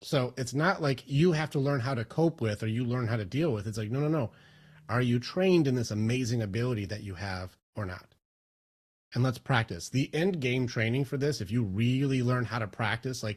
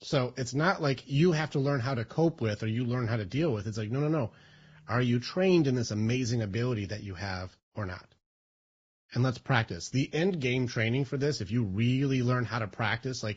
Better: first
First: garbled, watery; slightly; nothing above 14 kHz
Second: garbled, watery; badly

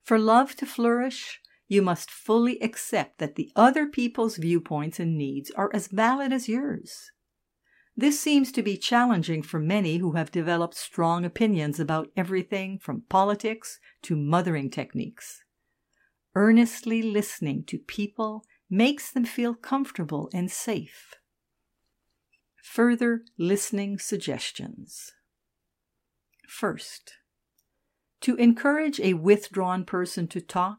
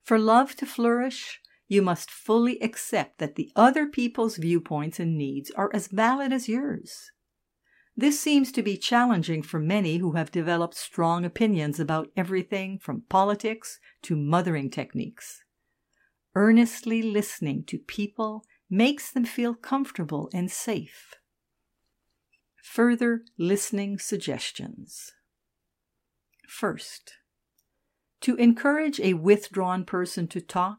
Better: neither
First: none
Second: none

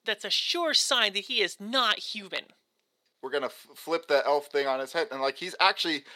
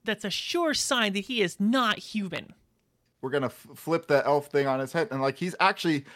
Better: second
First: thin; somewhat; fading below 450 Hz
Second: none

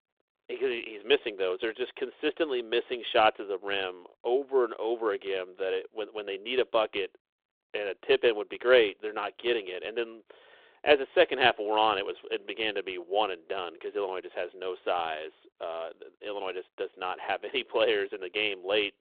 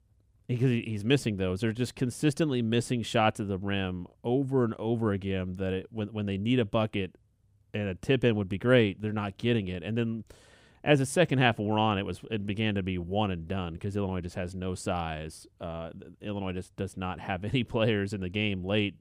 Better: second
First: phone-call audio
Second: none

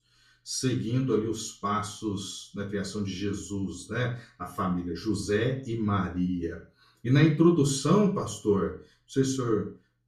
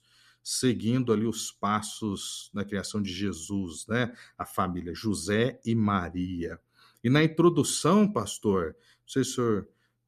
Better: second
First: room echo; slight; dies away in 0.3 s // off-mic speech; far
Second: none

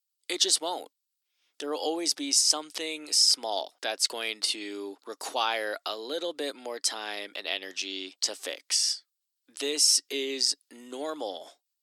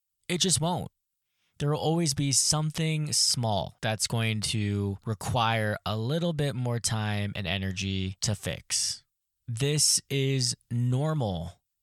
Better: second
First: thin; very; fading below 300 Hz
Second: none

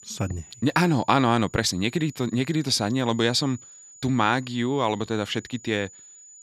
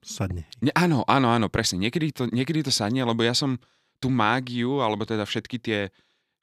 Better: second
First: high-pitched whine; faint; throughout; 7 kHz, 20 dB below the speech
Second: none

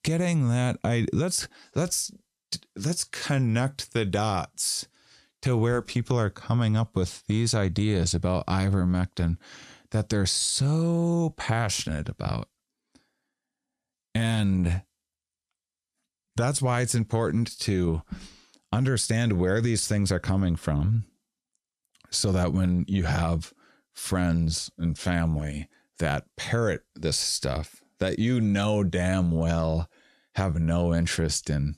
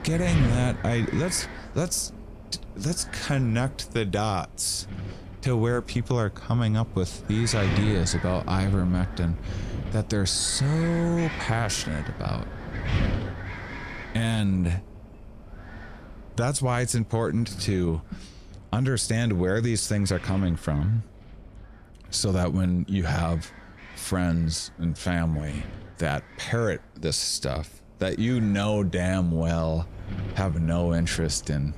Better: first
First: none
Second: wind noise on the microphone; heavy; 10 dB below the speech

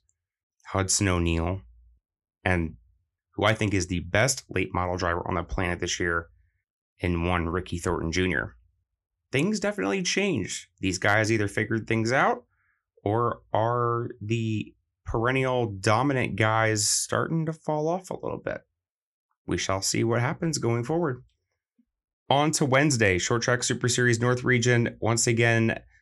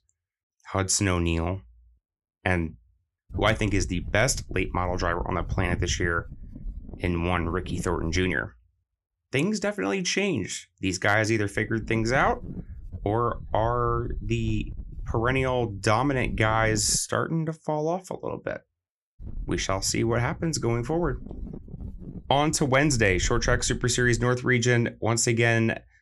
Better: first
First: none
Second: wind noise on the microphone; occasional gusts; from 3.5 to 8.5 s, from 12 to 17 s and from 19 to 24 s; 25 dB below the speech

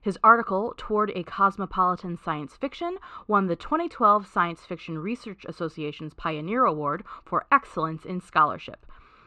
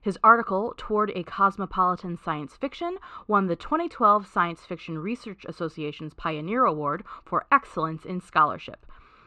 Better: neither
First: muffled; very; fading above 3.5 kHz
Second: muffled; very; fading above 3.5 kHz

